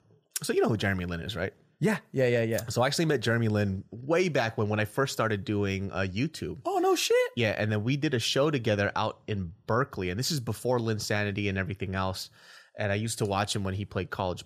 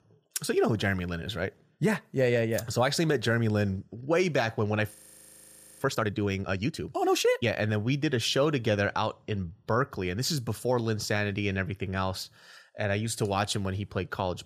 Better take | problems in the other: first | audio freezing; at 5 s for 1 s

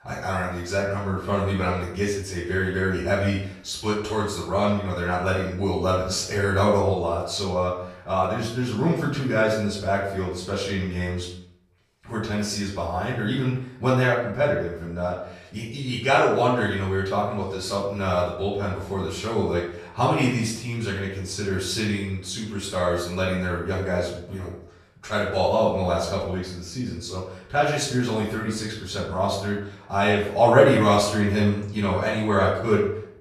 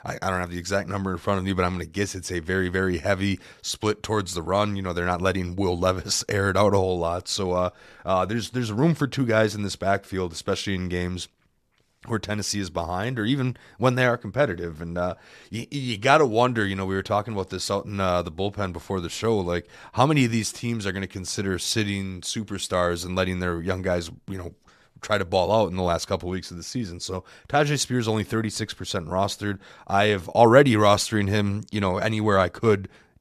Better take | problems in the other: second | off-mic speech; far // room echo; noticeable; dies away in 0.5 s

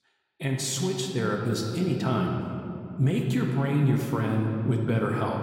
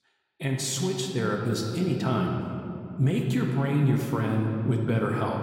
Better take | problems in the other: neither | room echo; noticeable; dies away in 2.3 s; the same in both // off-mic speech; somewhat distant; the same in both

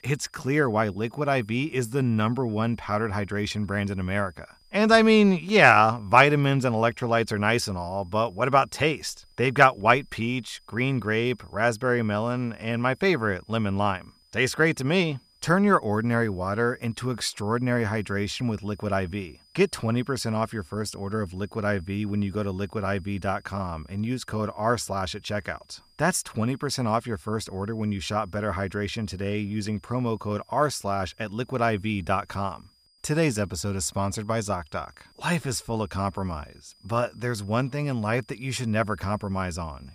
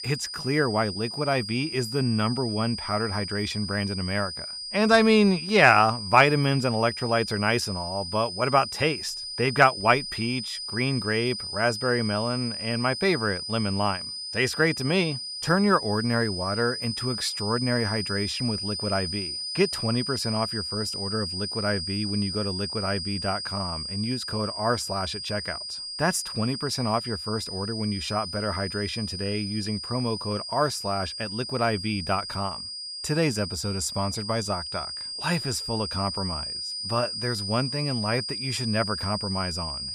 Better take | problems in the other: first | high-pitched whine; loud; throughout; 5 kHz, 5 dB below the speech; faint in the first

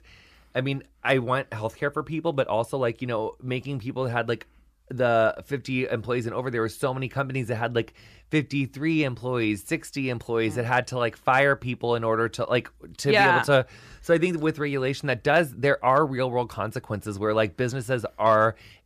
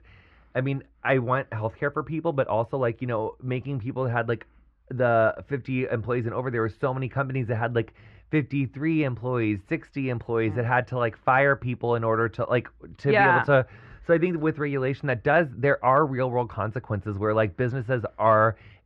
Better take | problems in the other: first | muffled; very; fading above 2 kHz

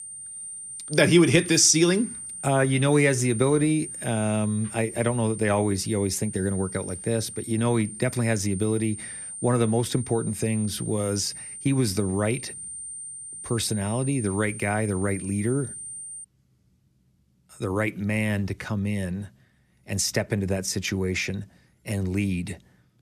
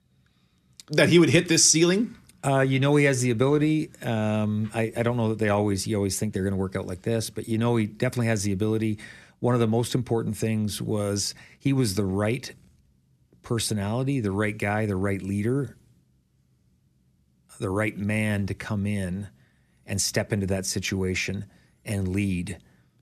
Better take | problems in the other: second | high-pitched whine; noticeable; until 16 s; 9 kHz, 10 dB below the speech

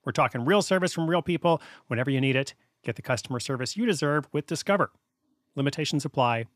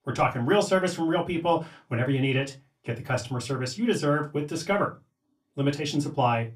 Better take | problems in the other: first | off-mic speech; far // room echo; very slight; dies away in 0.2 s

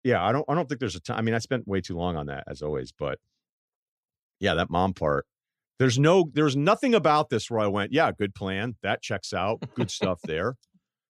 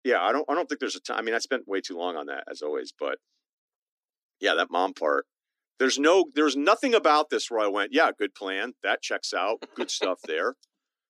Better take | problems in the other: first | thin; very slightly; fading below 250 Hz

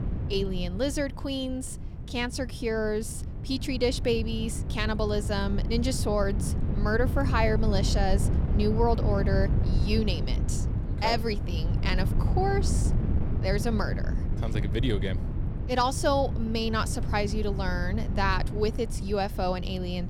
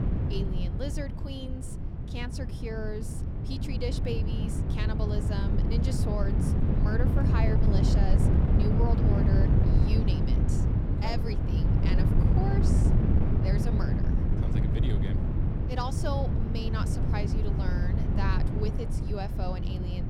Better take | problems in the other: first | wind noise on the microphone; heavy; 1 dB above the speech; occasional gusts in the first

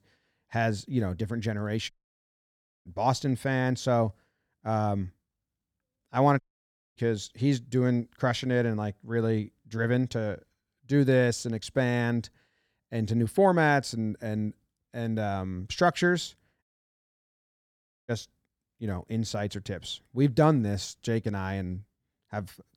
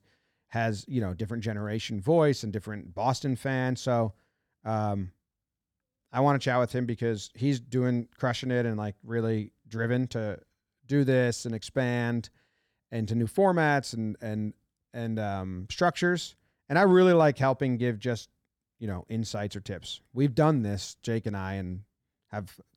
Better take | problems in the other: second | audio cutting out; at 2 s for 1 s, at 6.5 s for 0.5 s and at 17 s for 1.5 s

